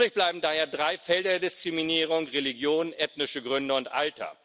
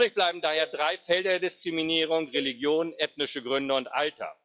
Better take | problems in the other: first | noise reduction (classical method log-MMSE)

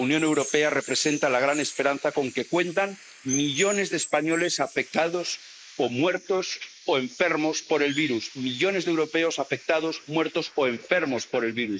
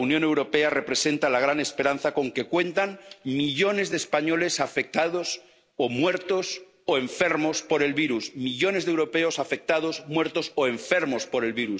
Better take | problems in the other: second | noise reduction (neural mask model Resemble Enhance denoiser)

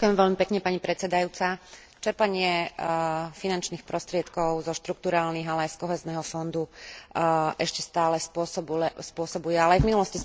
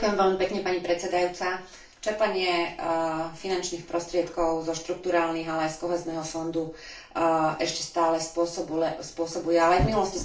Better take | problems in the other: first | room echo; dies away in 0.4 s

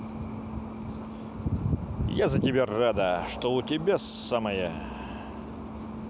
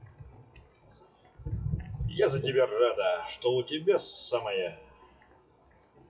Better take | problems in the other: first | noise reduction (classical method WPE with log-MMSE)

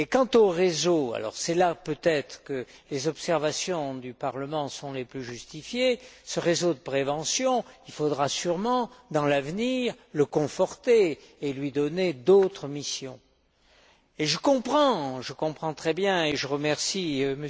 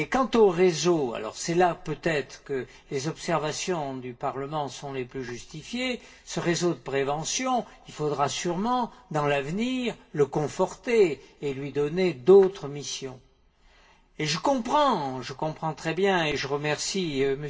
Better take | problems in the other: first | room echo; dies away in 0.2 s

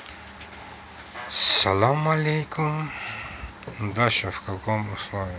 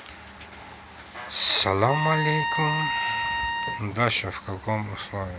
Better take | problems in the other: first | background sound (Trumpet); 1 dB below the speech

